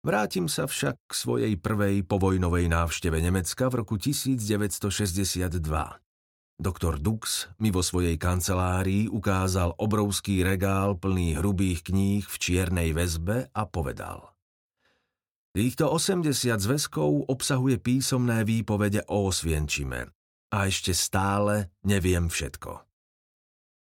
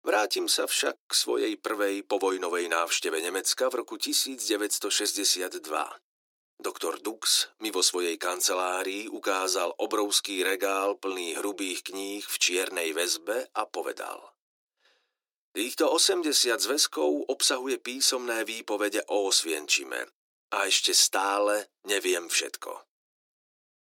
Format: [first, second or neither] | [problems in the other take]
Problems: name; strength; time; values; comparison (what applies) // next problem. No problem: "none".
first | thin; very; fading below 300 Hz